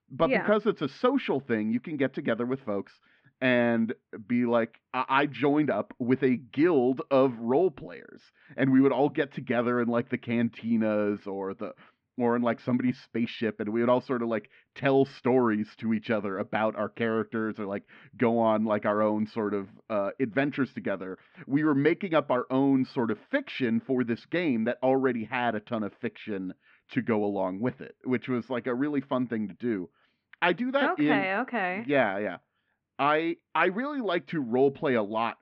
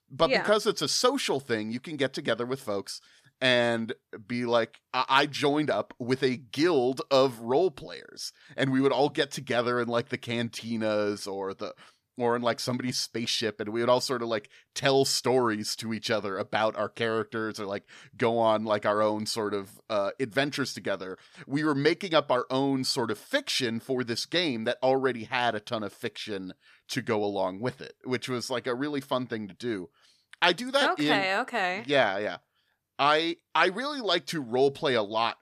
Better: second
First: muffled; very; fading above 2.5 kHz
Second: none

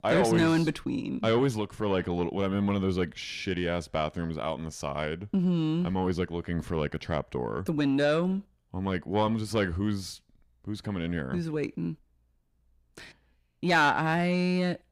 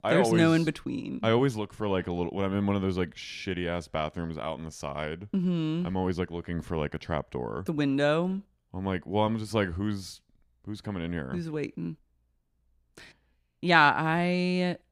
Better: second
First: distortion; slight; 10 dB below the speech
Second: none

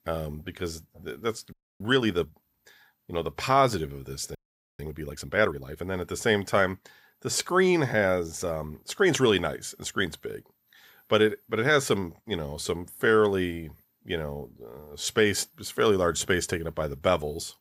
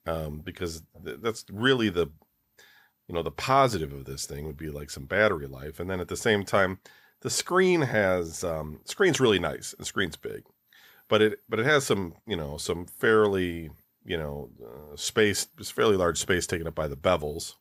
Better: second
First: audio freezing; at 1.5 s and at 4.5 s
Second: none

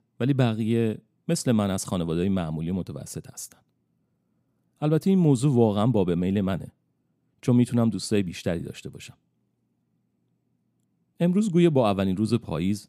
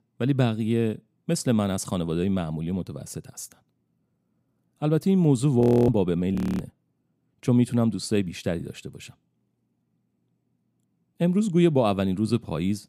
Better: first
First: none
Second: audio freezing; at 5.5 s and at 6.5 s

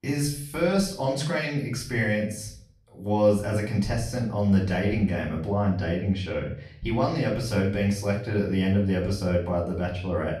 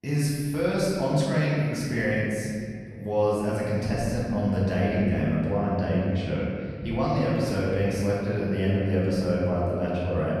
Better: first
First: room echo; slight; dies away in 0.5 s // off-mic speech; far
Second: room echo; strong; dies away in 2.1 s // off-mic speech; far

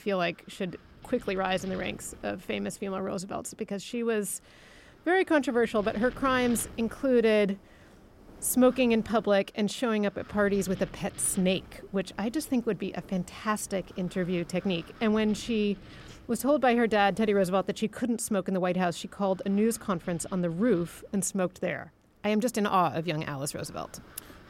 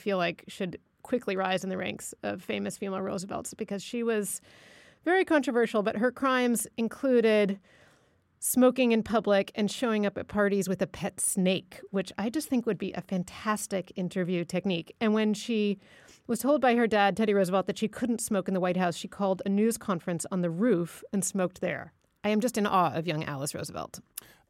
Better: second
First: wind noise on the microphone; occasional gusts; 25 dB below the speech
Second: none

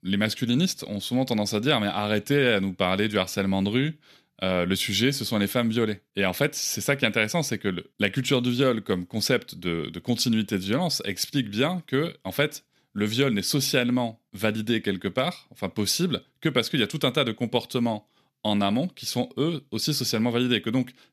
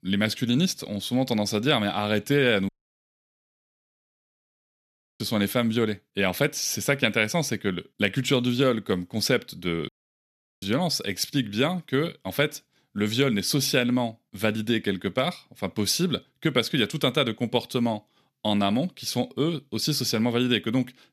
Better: first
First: none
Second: audio cutting out; at 2.5 s for 2.5 s and at 10 s for 0.5 s

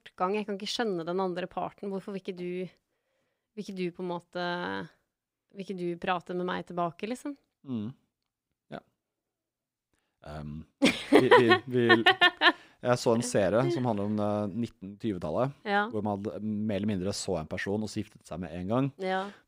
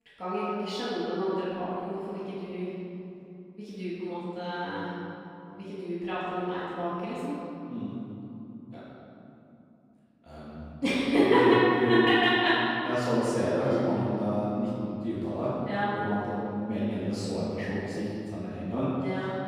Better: first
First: none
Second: off-mic speech; far // room echo; strong; dies away in 2.9 s

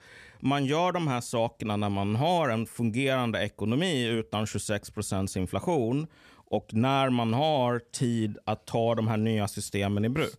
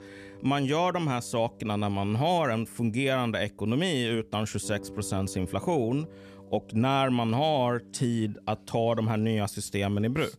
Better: first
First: none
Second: background music; faint; throughout; 20 dB below the speech

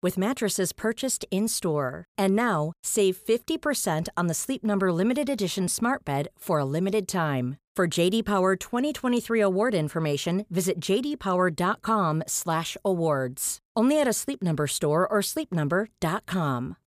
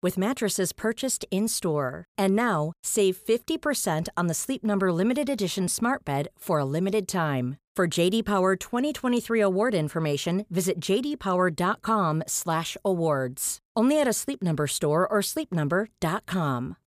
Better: neither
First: none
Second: none

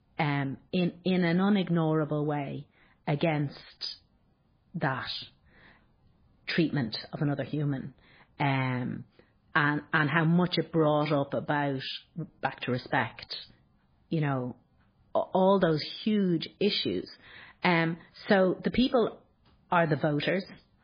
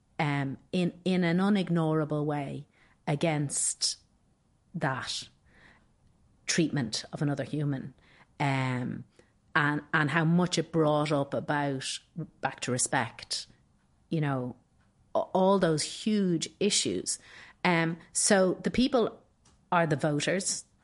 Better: second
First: garbled, watery; badly; nothing above 5 kHz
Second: garbled, watery; slightly; nothing above 10.5 kHz

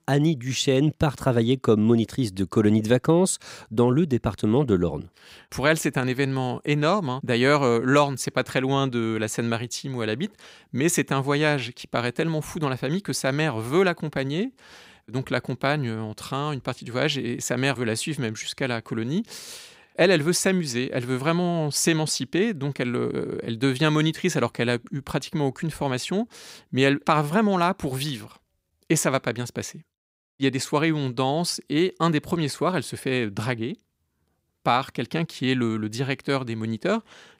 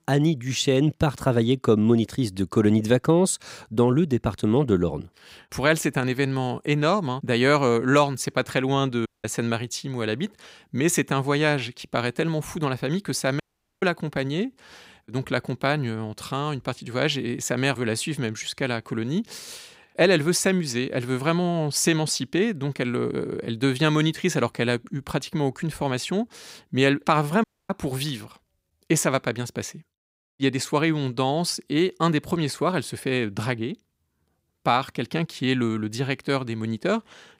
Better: first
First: none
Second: audio cutting out; at 9 s, at 13 s and at 27 s

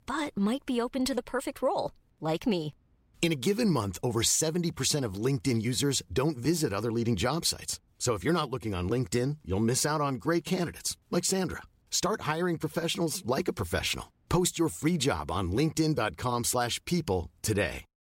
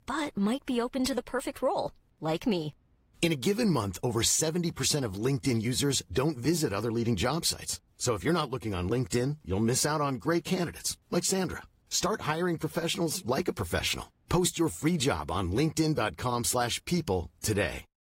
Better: first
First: none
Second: garbled, watery; slightly; nothing above 16 kHz

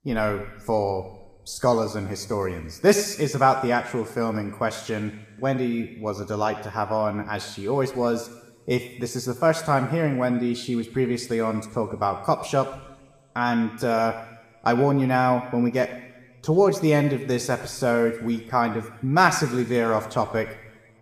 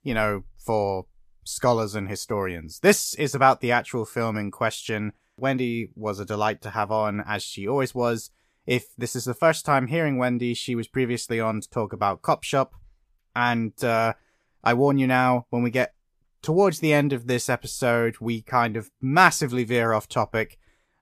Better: second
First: room echo; slight; dies away in 1.3 s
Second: none

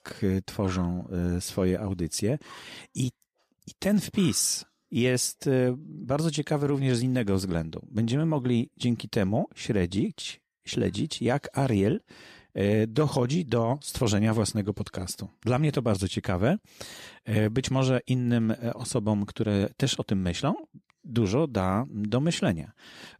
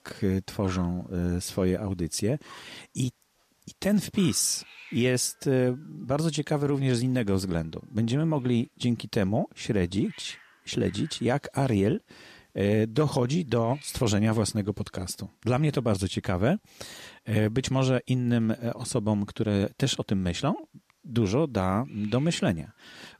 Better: first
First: none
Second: hiss; faint; throughout; 30 dB below the speech

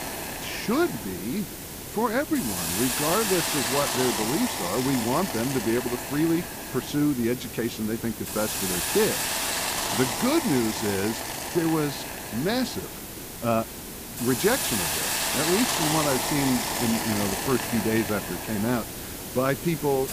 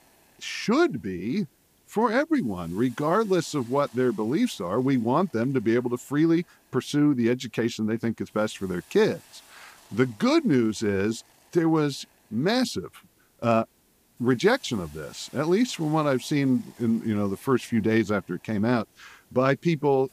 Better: second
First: hiss; loud; throughout; 1 dB below the speech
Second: hiss; faint; throughout; 30 dB below the speech

